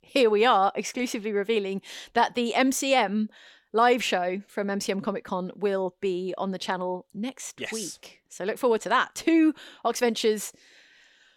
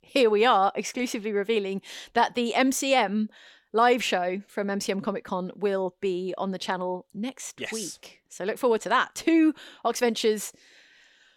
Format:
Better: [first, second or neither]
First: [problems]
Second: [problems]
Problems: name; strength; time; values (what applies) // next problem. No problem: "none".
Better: neither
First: none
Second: none